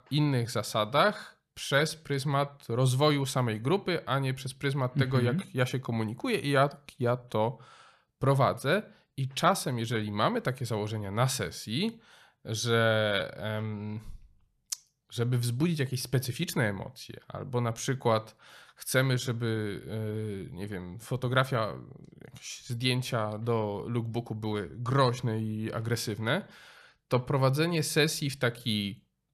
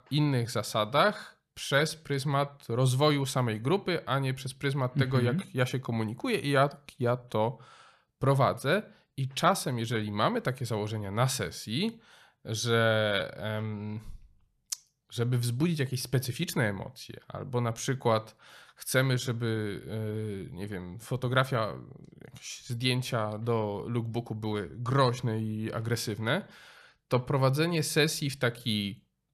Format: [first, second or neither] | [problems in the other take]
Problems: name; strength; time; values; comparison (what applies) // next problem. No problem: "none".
neither | none